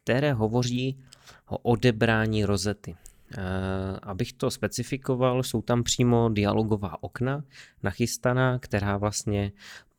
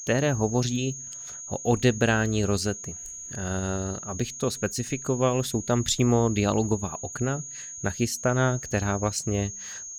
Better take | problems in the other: first | high-pitched whine; loud; throughout; 6.5 kHz, 10 dB below the speech

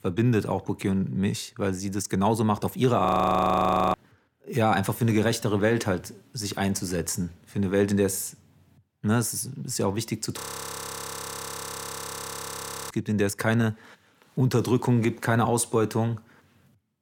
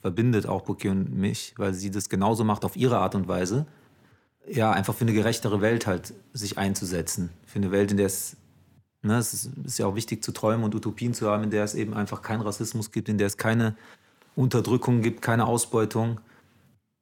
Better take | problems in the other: second | audio freezing; at 3 s for 1 s and at 10 s for 2.5 s

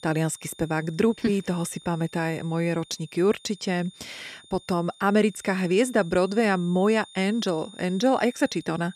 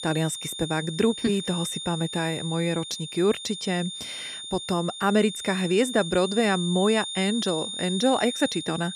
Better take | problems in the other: first | high-pitched whine; loud; throughout; 3.5 kHz, 7 dB below the speech; faint in the first

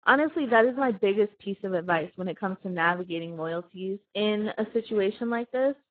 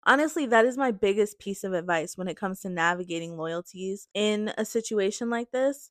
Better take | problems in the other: second | garbled, watery; badly

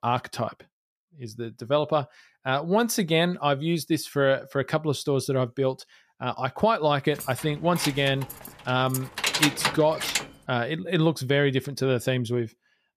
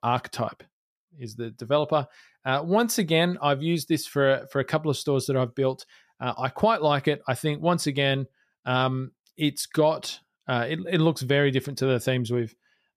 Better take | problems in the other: second | jangling keys; loud; from 7 to 10 s; peak 3 dB above the speech

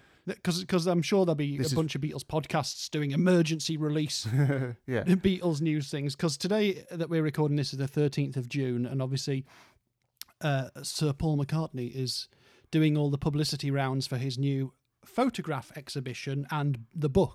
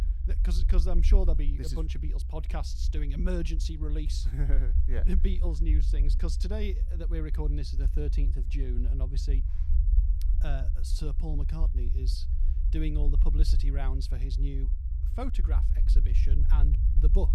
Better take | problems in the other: first | low rumble; loud; throughout; 8 dB below the speech

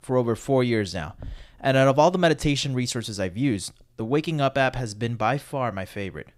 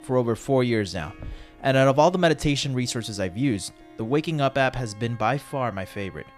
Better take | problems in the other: first | background music; faint; throughout; 25 dB below the speech

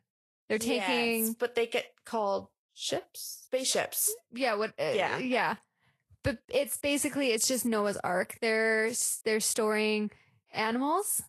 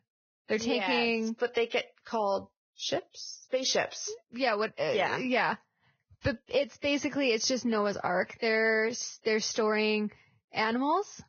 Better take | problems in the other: first | garbled, watery; badly; nothing above 6.5 kHz; slightly in the first

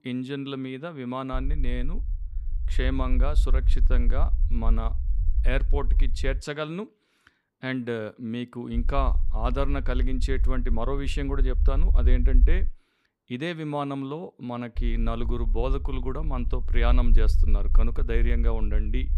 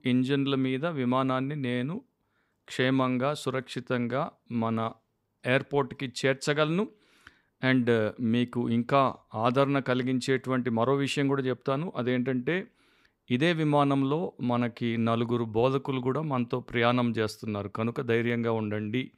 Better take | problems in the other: second | low rumble; noticeable; from 1.5 to 6.5 s, from 8.5 to 13 s and from 15 s on; 15 dB below the speech

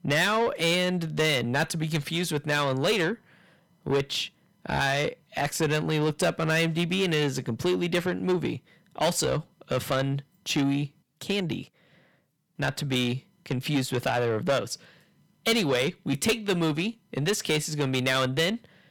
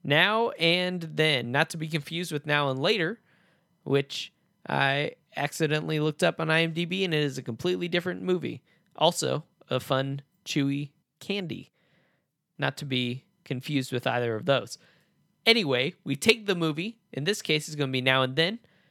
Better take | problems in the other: second | distortion; heavy; 7 dB below the speech

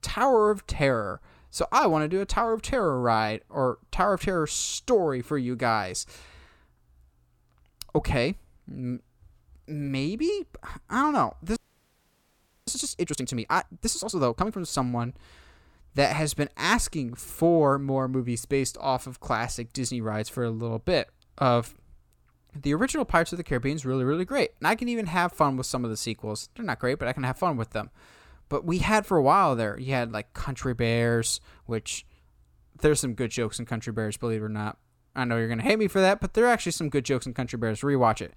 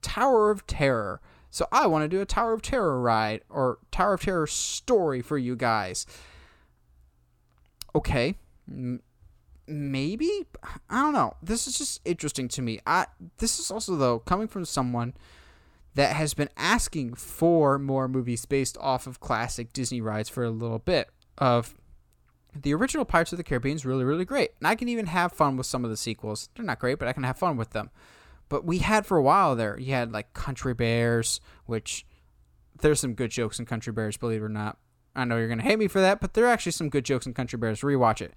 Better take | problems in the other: second | audio freezing; at 12 s for 1 s

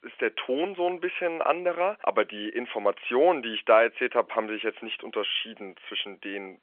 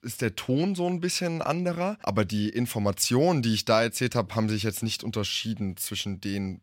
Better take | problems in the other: second | phone-call audio; nothing above 3.5 kHz

